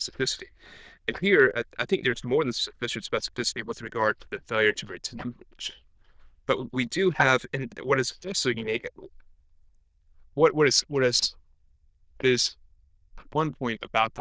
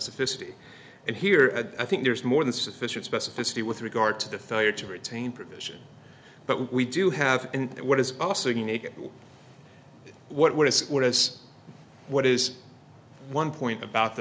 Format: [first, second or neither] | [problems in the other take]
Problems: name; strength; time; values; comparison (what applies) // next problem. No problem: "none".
second | noise reduction (neural diffusion model UNIVERSE++)